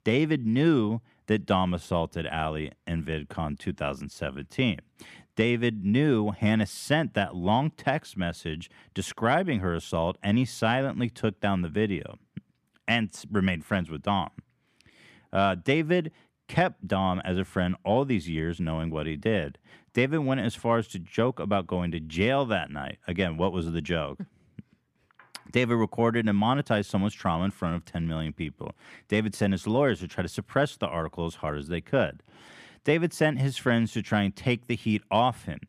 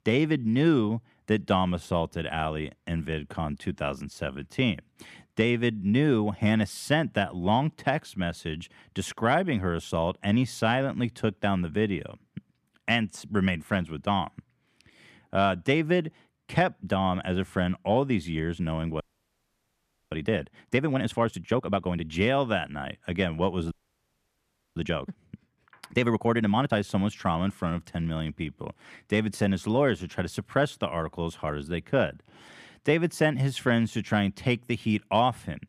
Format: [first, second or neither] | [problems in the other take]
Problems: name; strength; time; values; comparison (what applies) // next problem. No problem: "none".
first | audio freezing; at 19 s for 1 s and at 24 s for 1 s